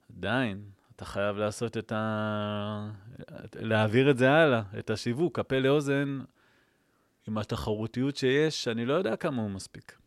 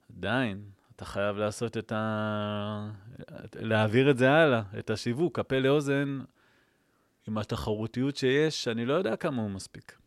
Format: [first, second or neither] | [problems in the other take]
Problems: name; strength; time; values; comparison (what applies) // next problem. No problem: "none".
neither | none